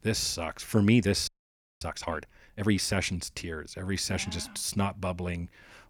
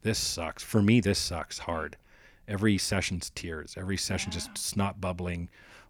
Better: second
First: audio freezing; at 1.5 s for 0.5 s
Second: none

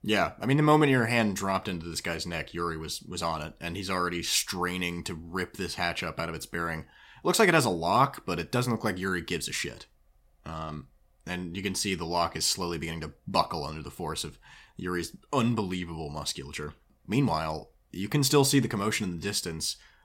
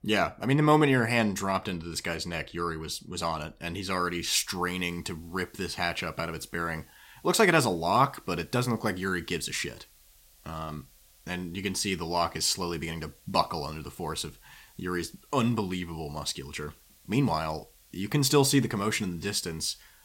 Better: first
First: none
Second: hiss; faint; from 4 s on; 30 dB below the speech

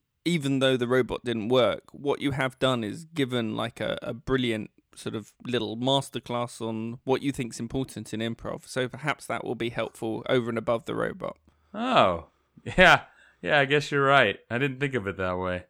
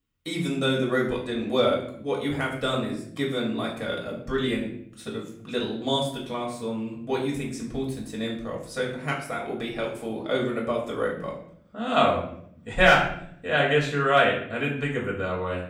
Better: first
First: none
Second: room echo; slight; dies away in 0.6 s // off-mic speech; far

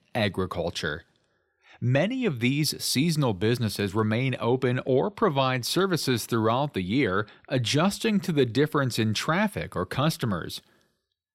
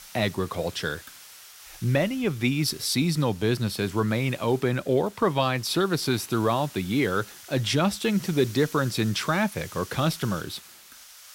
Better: first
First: none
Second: hiss; noticeable; throughout; 20 dB below the speech

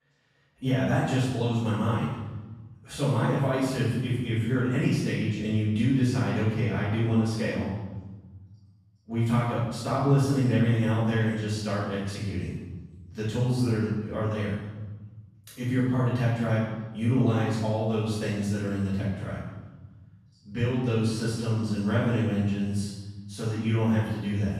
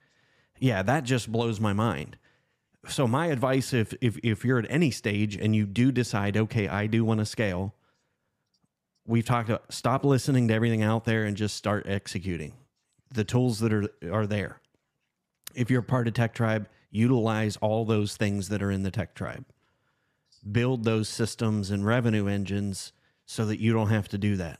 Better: second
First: off-mic speech; far // room echo; strong; dies away in 1.2 s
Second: none

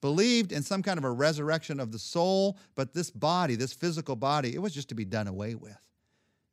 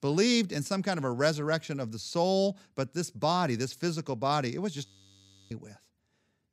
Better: first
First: none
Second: audio freezing; at 5 s for 0.5 s

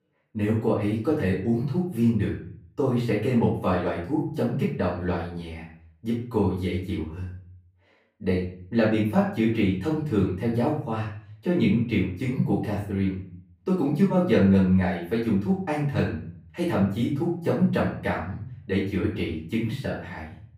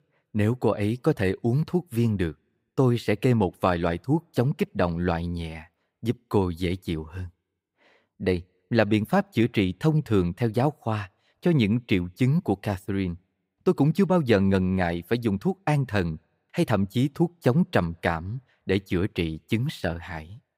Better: second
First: room echo; noticeable; dies away in 0.5 s // off-mic speech; far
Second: none

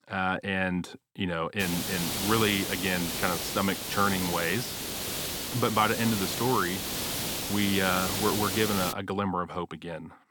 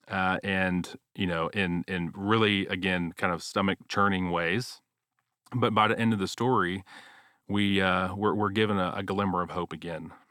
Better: second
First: hiss; loud; from 1.5 to 9 s; 2 dB below the speech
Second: none

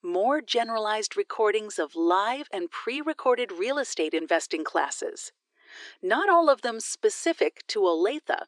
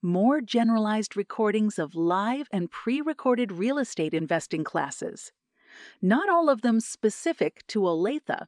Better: second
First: thin; very; fading below 350 Hz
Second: none

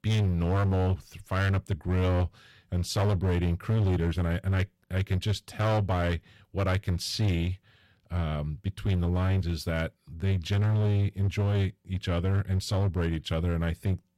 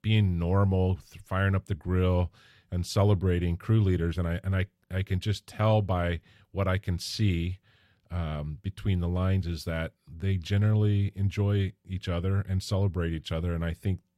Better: second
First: distortion; slight; 15% of the sound clipped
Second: none

